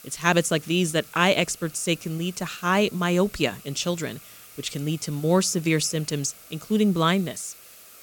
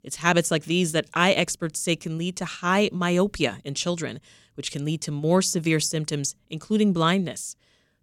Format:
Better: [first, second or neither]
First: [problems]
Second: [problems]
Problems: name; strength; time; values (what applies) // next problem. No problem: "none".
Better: second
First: hiss; faint; throughout; 20 dB below the speech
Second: none